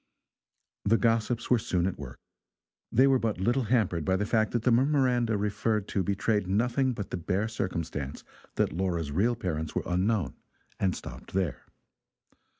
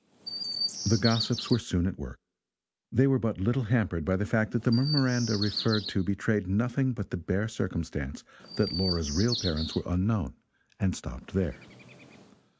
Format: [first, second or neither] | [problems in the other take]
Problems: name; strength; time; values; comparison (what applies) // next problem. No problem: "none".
first | background sound (Chirp, tweet); 11 dB below the speech